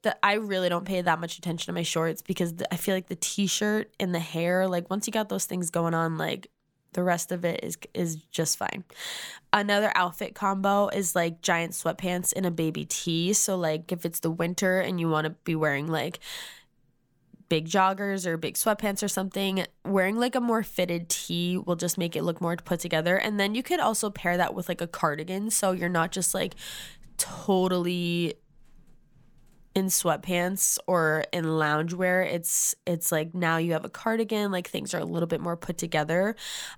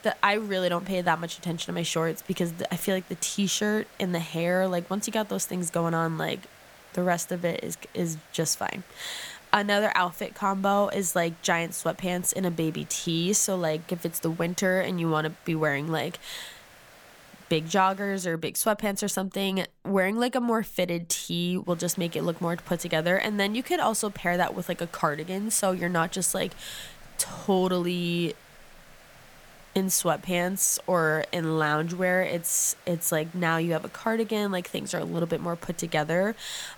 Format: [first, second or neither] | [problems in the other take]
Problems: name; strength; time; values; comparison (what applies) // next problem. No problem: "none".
first | hiss; faint; until 18 s and from 22 s on; 25 dB below the speech